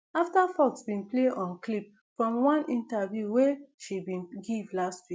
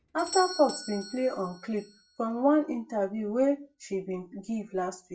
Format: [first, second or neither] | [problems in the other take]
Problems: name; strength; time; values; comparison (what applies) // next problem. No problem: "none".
first | background sound (Doorbell); 16 dB below the speech // room echo; dies away in 0.2 s